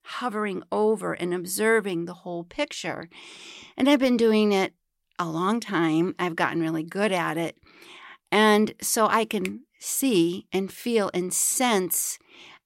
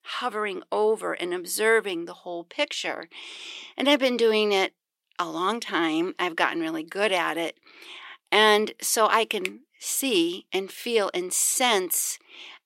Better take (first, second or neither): first